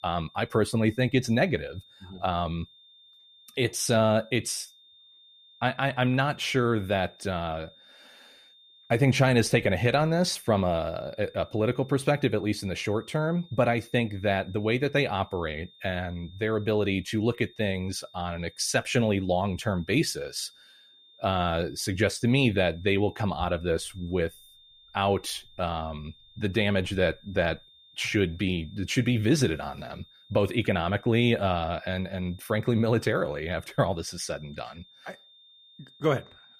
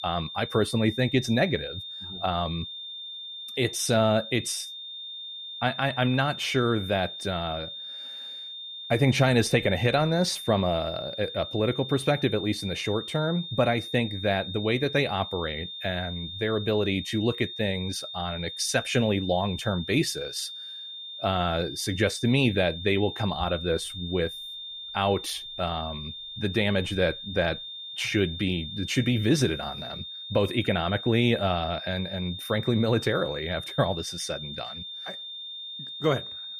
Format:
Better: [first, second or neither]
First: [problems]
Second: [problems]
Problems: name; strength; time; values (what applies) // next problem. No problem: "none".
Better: first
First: high-pitched whine; faint; throughout; 3.5 kHz, 25 dB below the speech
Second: high-pitched whine; loud; throughout; 3.5 kHz, 9 dB below the speech